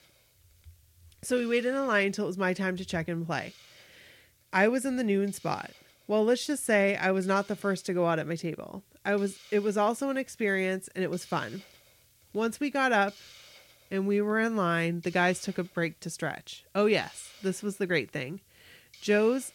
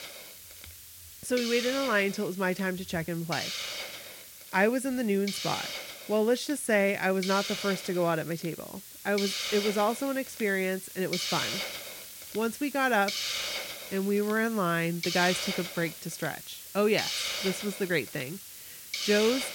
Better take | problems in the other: first | hiss; loud; throughout; 6 dB below the speech; faint in the first

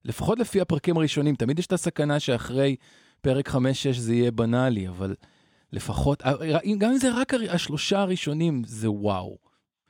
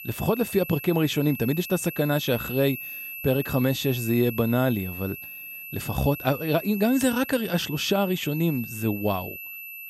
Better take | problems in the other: first | high-pitched whine; loud; throughout; 2.5 kHz, 10 dB below the speech

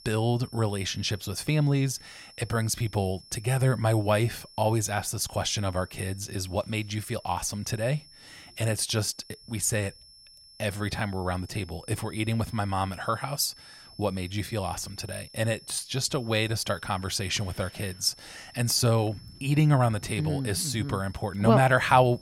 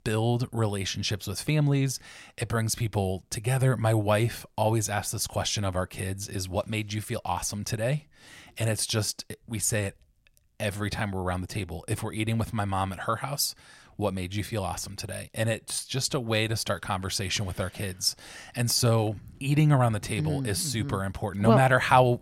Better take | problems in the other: second | high-pitched whine; faint; throughout; 5.5 kHz, 20 dB below the speech

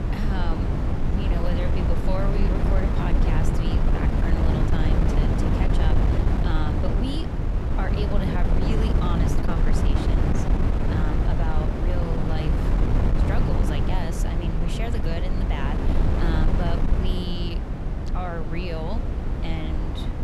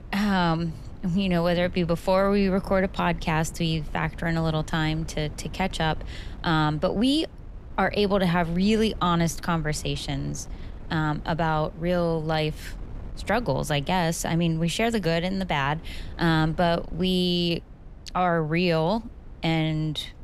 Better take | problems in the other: second | wind noise on the microphone; heavy; 2 dB above the speech; occasional gusts in the second

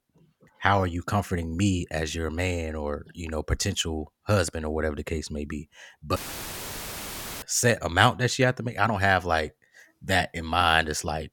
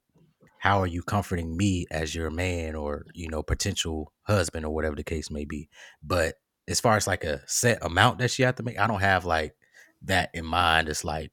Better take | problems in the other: second | audio cutting out; filled with static; at 6 s for 1.5 s

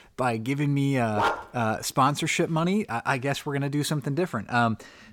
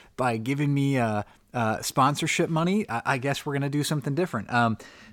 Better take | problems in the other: second | dog barking; noticeable; at 1 s; peak 1 dB below the speech

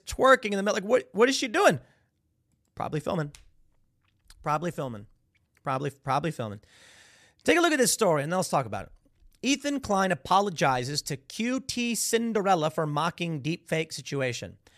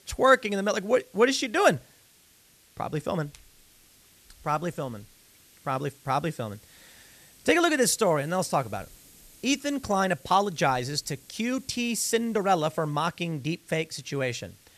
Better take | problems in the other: first | hiss; faint; throughout; 25 dB below the speech

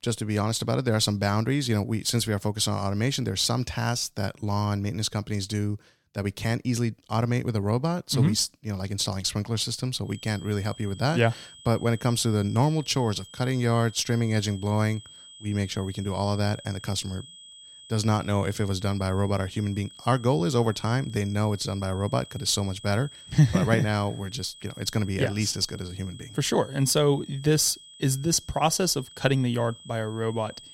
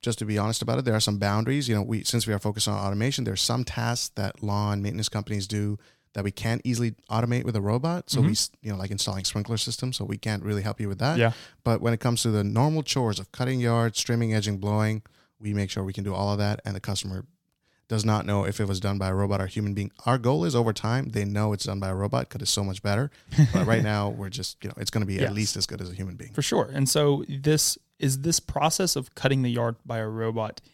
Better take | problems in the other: second | high-pitched whine; noticeable; from 10 s on; 3.5 kHz, 20 dB below the speech

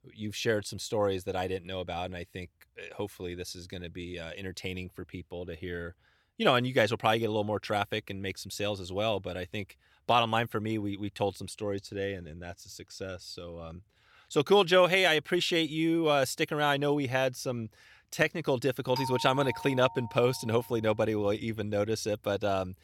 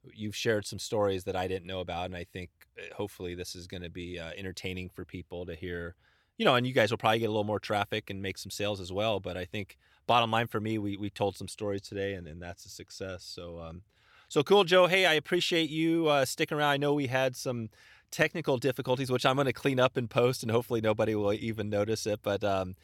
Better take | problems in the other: second | doorbell; noticeable; from 19 to 20 s; peak 6 dB below the speech

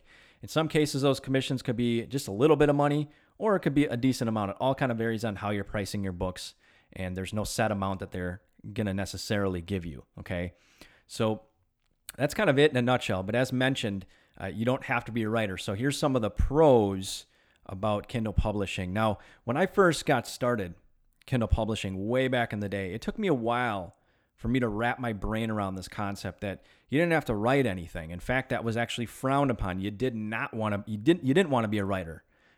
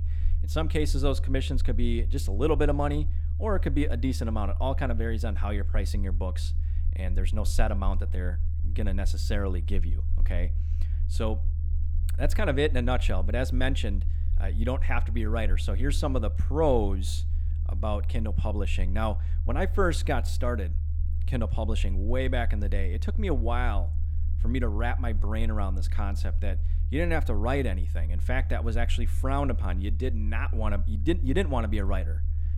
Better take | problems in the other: first | low rumble; noticeable; throughout; 15 dB below the speech

